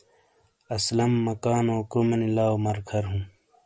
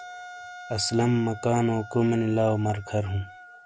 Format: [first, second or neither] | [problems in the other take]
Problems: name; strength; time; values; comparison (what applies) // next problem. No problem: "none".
first | background sound (Wind instrument, woodwind instrument); 17 dB below the speech